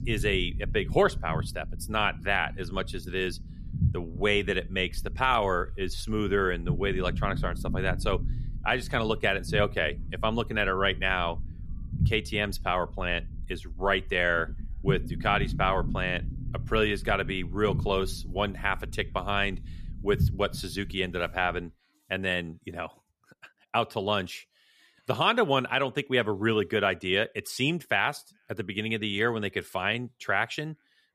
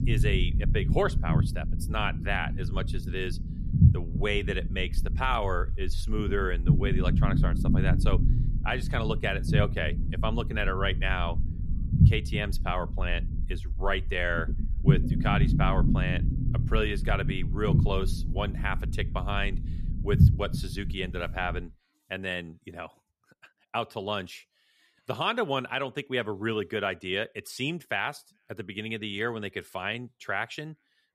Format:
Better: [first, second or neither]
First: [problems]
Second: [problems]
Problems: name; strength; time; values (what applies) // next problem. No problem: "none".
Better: first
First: low rumble; faint; until 22 s; 20 dB below the speech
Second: low rumble; loud; until 22 s; 8 dB below the speech